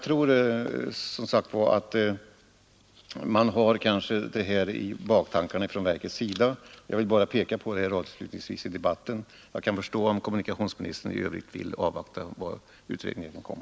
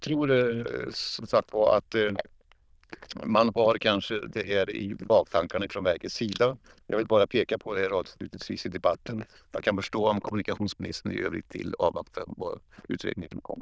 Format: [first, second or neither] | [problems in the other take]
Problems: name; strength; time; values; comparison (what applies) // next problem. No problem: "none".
first | noise reduction (neural diffusion model UNIVERSE++)